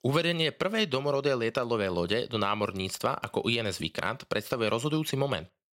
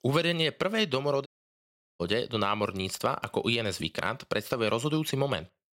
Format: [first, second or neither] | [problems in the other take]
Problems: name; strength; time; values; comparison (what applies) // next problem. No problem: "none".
first | audio cutting out; at 1.5 s for 0.5 s